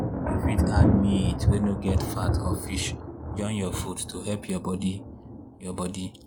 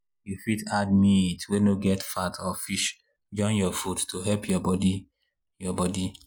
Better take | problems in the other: second | background sound (Thunder); 3 dB above the speech

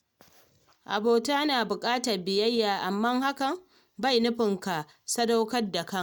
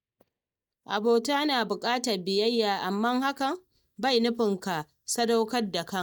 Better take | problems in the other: first | noise reduction (neural mask model DeepFilterNet 3)

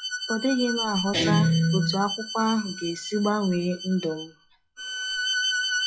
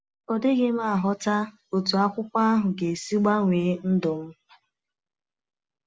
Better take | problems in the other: second | noise reduction (classical method log-MMSE)

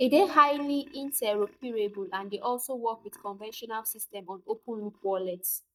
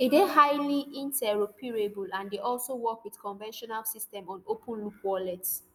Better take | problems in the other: second | noise reduction (neural mask model DeepFilterNet 3)

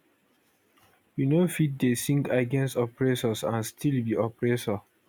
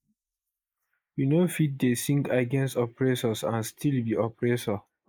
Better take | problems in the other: first | noise reduction (neural mask model Resemble Enhance denoiser)

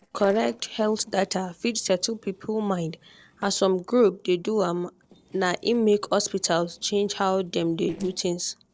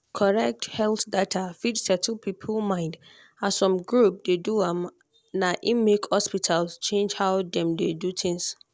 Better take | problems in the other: second | noise reduction (neural separator model SepFormer DNS4)

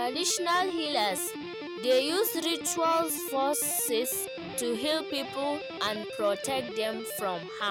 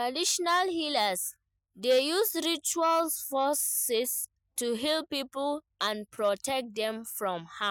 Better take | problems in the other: second | background sound (Guitar); 8 dB below the speech

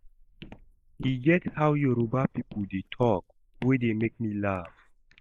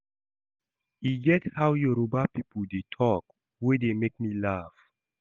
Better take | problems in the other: second | noise reduction (neural mask model Resemble Enhance denoiser)

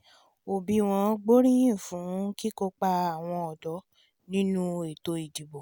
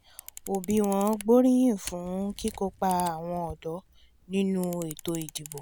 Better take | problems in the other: first | background sound (Camera); 17 dB below the speech

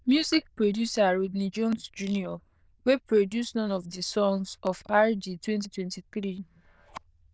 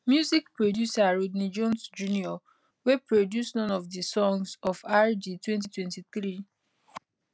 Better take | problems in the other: second | noise reduction (neural diffusion model UNIVERSE++)

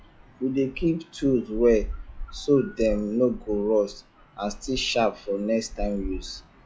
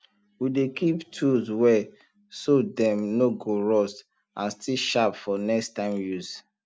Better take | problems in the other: second | noise reduction (classical method log-MMSE)

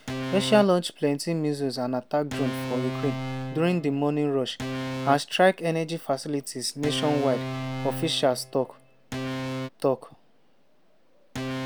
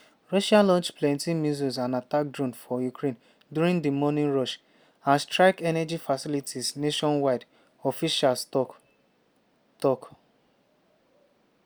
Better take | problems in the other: second | background sound (Organ); 8 dB below the speech

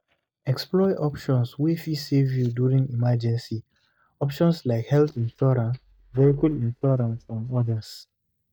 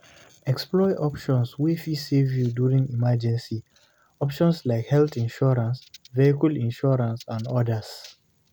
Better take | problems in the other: second | noise reduction (neural mask model DeepFilterNet 3)

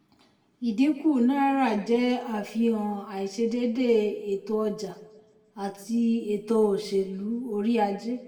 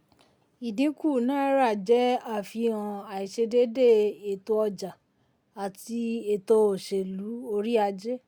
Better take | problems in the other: second | room echo; dies away in 0.7 s

